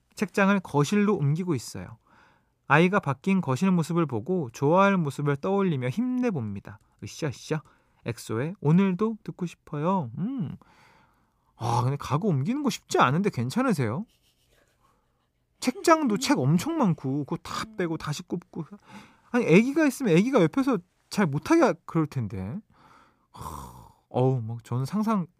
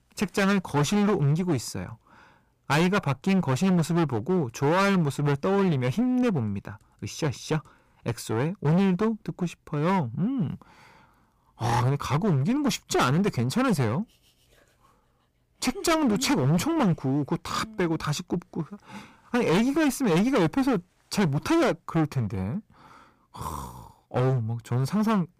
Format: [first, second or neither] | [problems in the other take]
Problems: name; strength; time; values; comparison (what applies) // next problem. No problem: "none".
first | distortion; heavy; 15% of the sound clipped